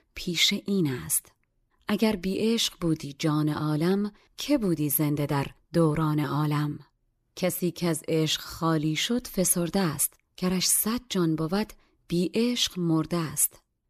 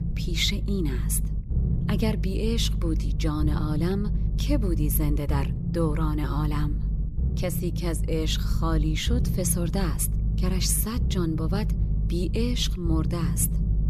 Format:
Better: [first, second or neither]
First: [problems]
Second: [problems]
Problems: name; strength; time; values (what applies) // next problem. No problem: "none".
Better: first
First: none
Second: low rumble; loud; throughout; 10 dB below the speech